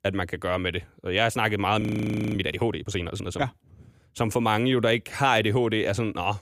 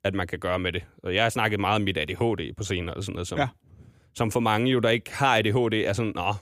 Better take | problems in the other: second | audio freezing; at 2 s for 0.5 s

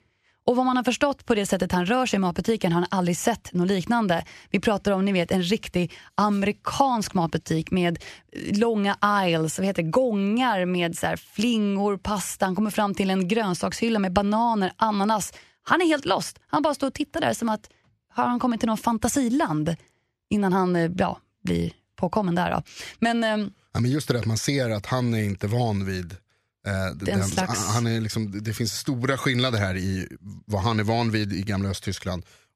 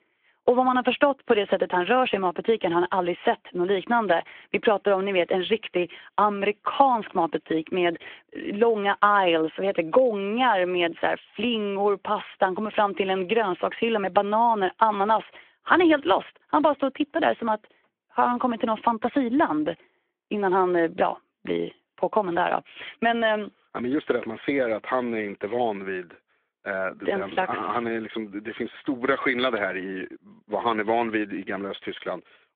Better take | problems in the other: first | phone-call audio

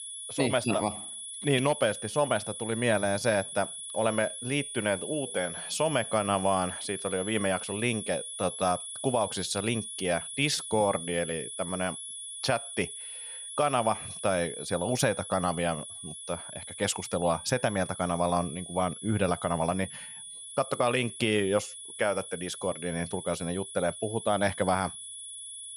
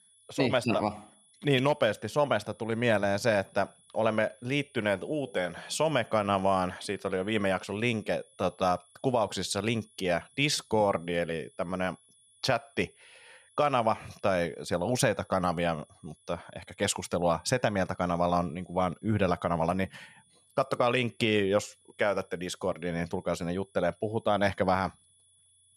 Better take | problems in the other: second | high-pitched whine; loud; throughout; 10.5 kHz, 8 dB below the speech; faint in the second

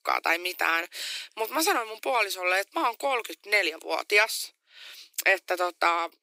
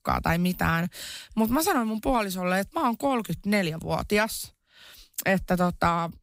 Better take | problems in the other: second | thin; very; fading below 300 Hz

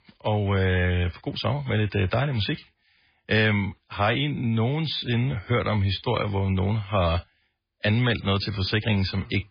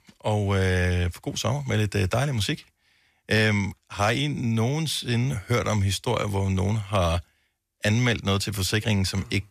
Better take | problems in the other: second | garbled, watery; badly; nothing above 5 kHz

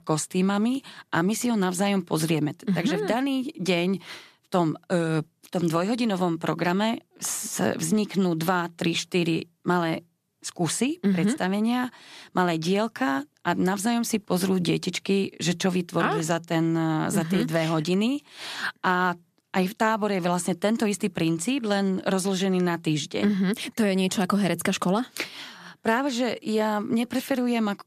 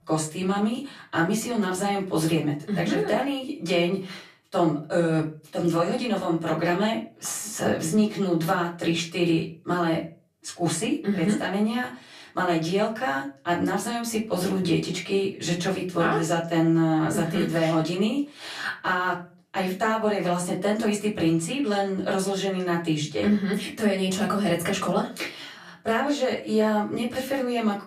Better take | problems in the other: first | off-mic speech; far // room echo; very slight; dies away in 0.3 s

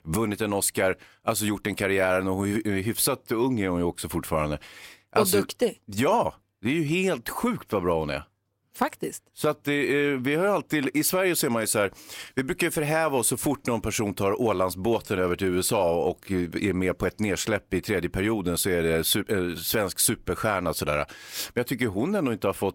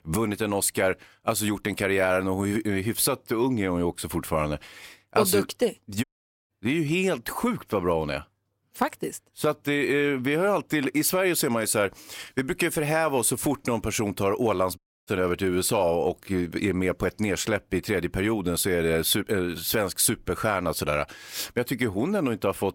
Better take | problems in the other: first | audio cutting out; at 6 s and at 15 s

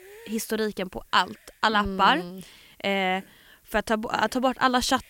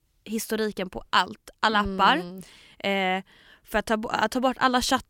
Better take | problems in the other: second | hiss; faint; throughout; 30 dB below the speech

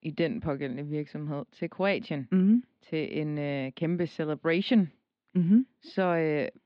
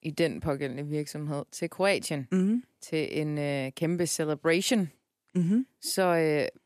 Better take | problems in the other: second | muffled; slightly; fading above 4 kHz

